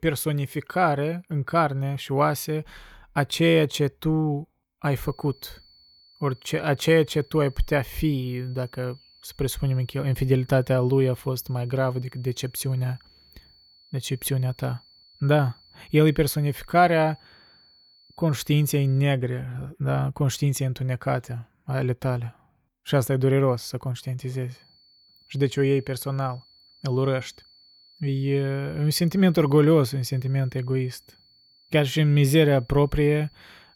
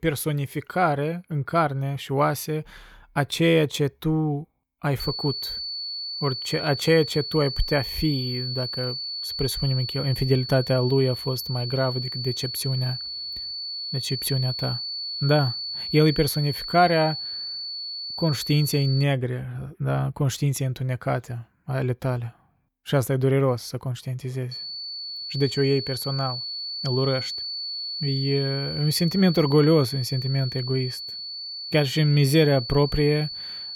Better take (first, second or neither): first